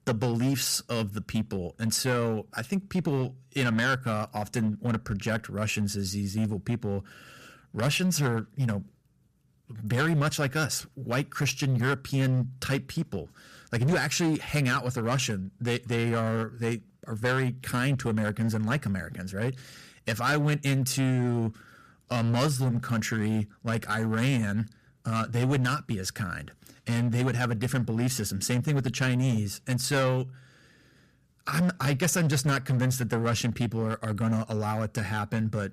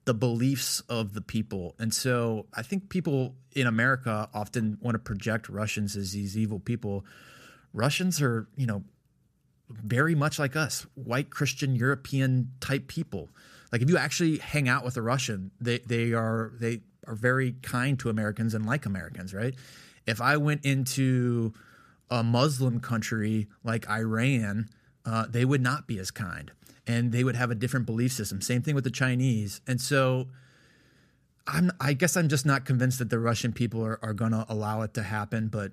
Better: second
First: distortion; slight; 9% of the sound clipped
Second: none

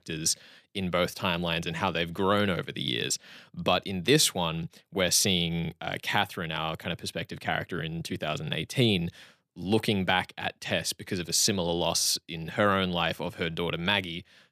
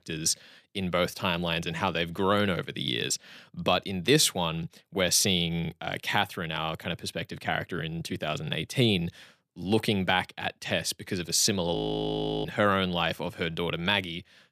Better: first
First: none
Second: audio freezing; at 12 s for 0.5 s

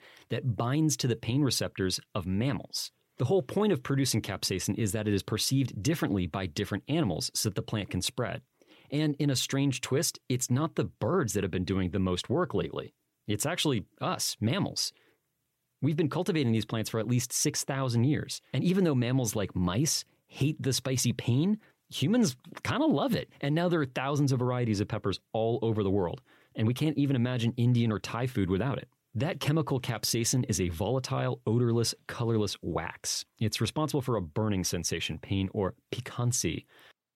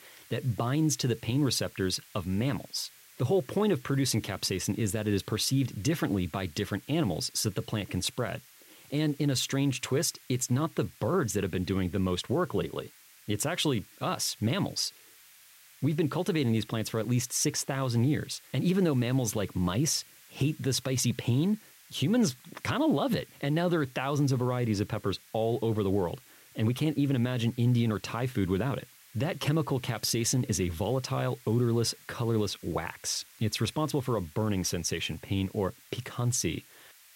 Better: first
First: none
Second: hiss; faint; throughout; 25 dB below the speech

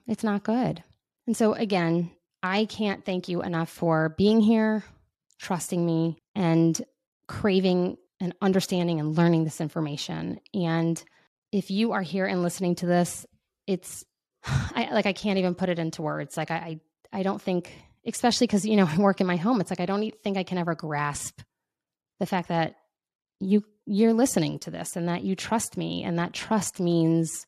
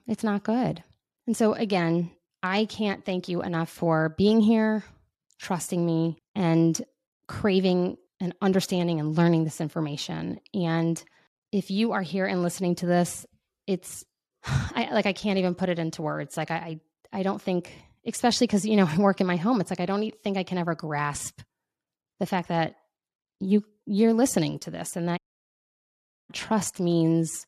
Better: first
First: none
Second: audio cutting out; at 25 s for 1 s

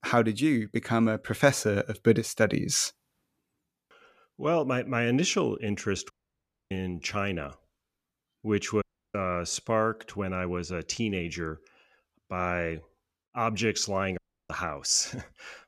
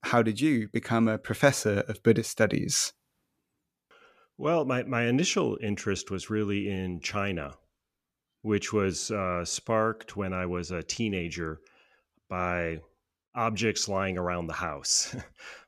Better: second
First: audio cutting out; at 6 s for 0.5 s, at 9 s and at 14 s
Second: none

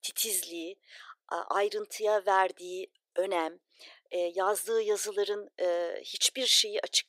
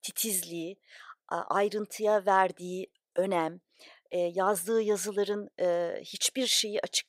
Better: second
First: thin; somewhat; fading below 350 Hz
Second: none

